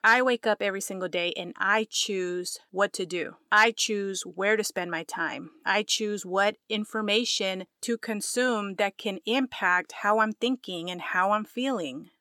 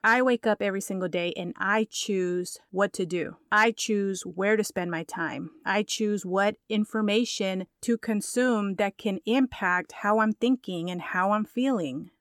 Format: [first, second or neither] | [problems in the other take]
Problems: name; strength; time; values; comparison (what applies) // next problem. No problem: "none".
second | thin; very slightly; fading below 950 Hz